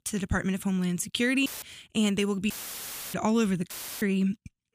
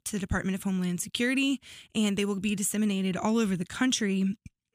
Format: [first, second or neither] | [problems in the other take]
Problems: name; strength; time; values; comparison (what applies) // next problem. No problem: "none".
second | audio cutting out; filled with static; at 1.5 s, at 2.5 s for 0.5 s and at 3.5 s